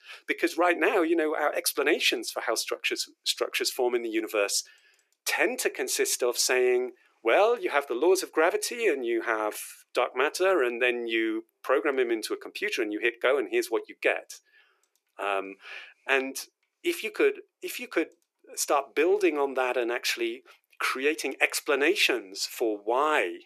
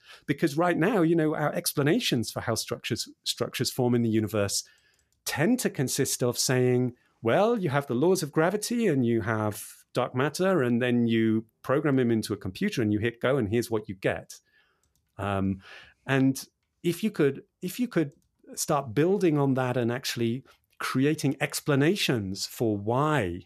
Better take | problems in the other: second | thin; very; fading below 350 Hz

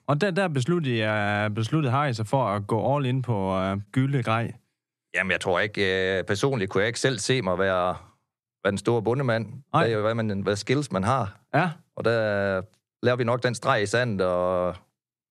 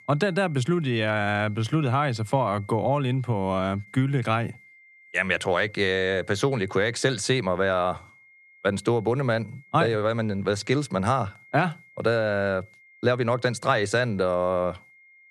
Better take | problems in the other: first | high-pitched whine; faint; throughout; 2 kHz, 25 dB below the speech

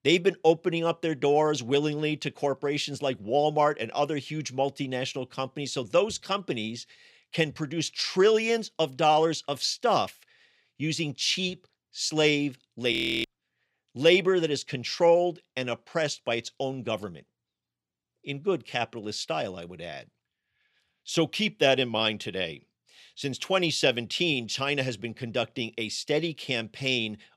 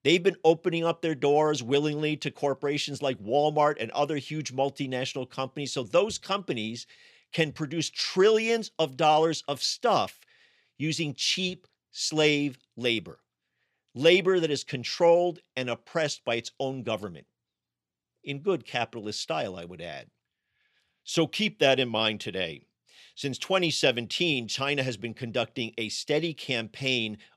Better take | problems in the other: second | audio freezing; at 13 s

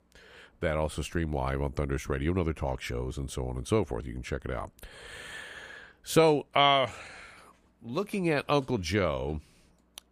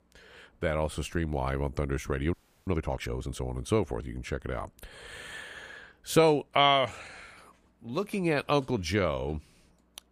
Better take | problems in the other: first | audio freezing; at 2.5 s

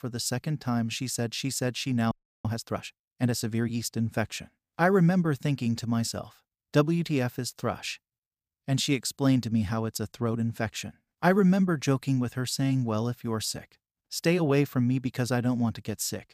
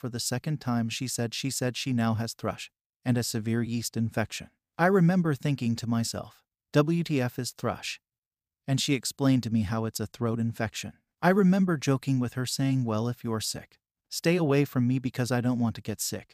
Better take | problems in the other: second | audio freezing; at 2 s

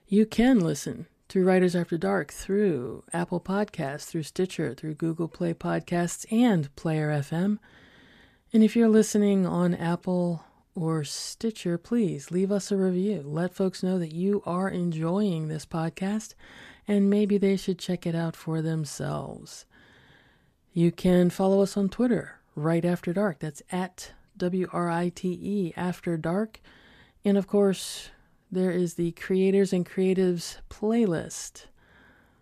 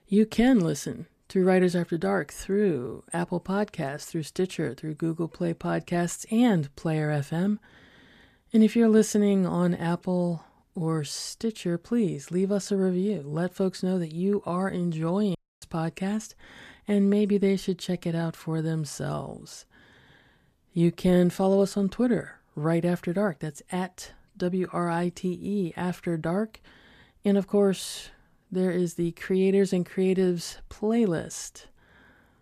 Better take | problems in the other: first | audio cutting out; at 15 s

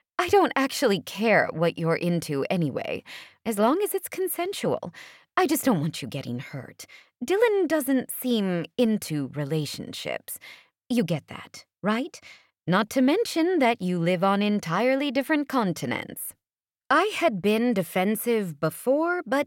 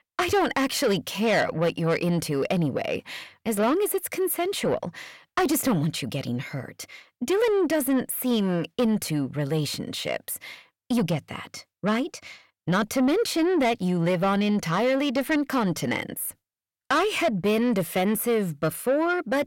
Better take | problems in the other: first | distortion; slight; 10 dB below the speech

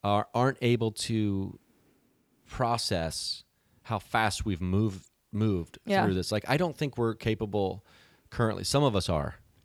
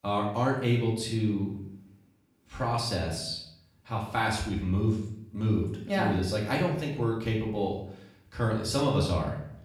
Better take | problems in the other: first | off-mic speech; far // room echo; noticeable; dies away in 0.6 s

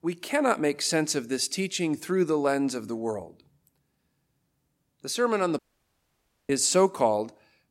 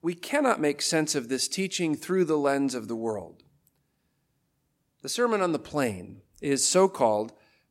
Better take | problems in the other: second | audio cutting out; at 5.5 s for 1 s

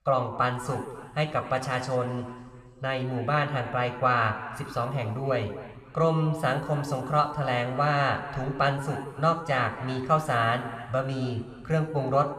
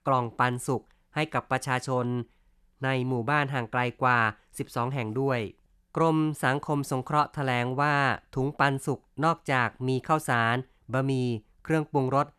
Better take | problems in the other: second | room echo; slight; dies away in 2 s

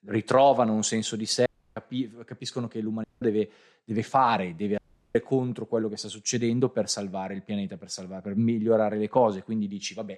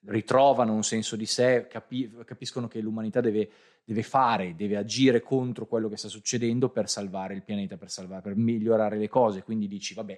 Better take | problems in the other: second | audio cutting out; at 1.5 s, at 3 s and at 5 s

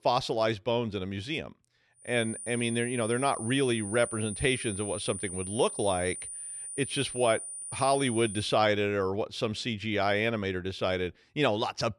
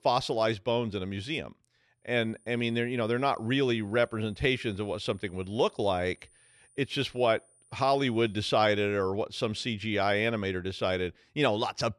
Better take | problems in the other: second | high-pitched whine; loud; from 2 to 8.5 s; 9.5 kHz, 8 dB below the speech; faint in the second

